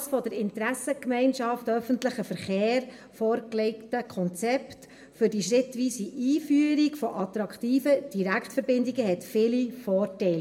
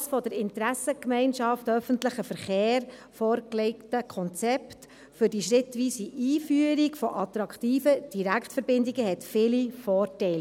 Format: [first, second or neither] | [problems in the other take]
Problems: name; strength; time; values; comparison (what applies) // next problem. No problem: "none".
second | room echo; dies away in 0.5 s